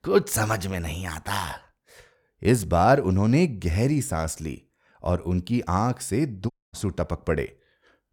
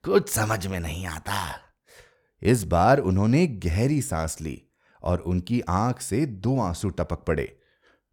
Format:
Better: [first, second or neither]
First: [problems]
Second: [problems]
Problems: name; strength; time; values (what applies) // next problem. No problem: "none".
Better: second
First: audio cutting out; at 6.5 s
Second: none